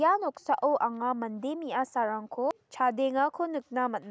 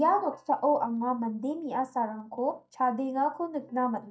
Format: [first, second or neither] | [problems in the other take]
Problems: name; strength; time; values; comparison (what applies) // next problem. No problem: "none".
first | noise reduction (neural mask model DeepFilterNet 3)